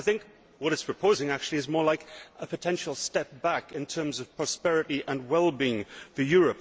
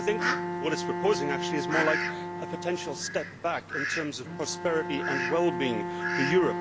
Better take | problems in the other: first | background sound (Fowl + Bowed string instrument); 1 dB below the speech

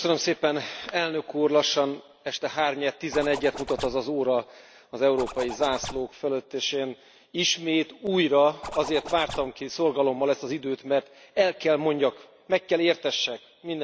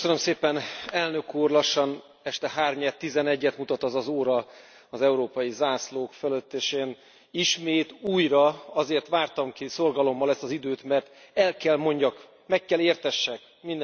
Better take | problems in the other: second | background sound (Zipper (clothing)); 12 dB below the speech

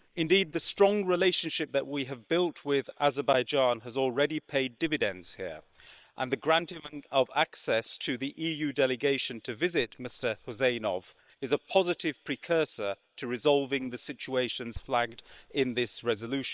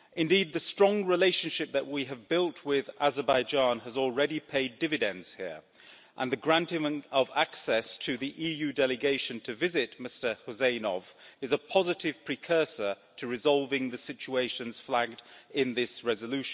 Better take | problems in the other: second | noise reduction (neural separator model SepFormer WHAM!)

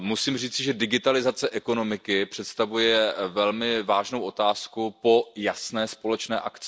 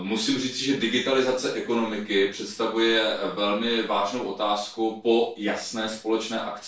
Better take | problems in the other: first | room echo; dies away in 0.3 s

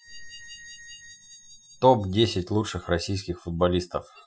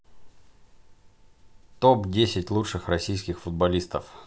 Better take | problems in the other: second | noise reduction (classical method Wiener filter)

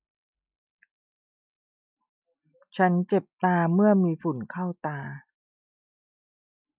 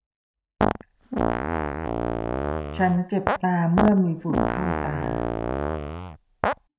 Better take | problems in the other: first | background sound (Fart); 1 dB above the speech // room echo; dies away in 0.8 s

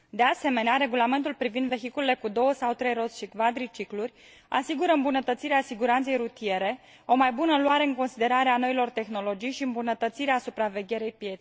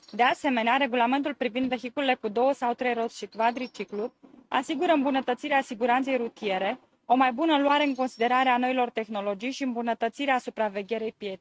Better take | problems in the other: first | noise reduction (neural mask model RNNoise)

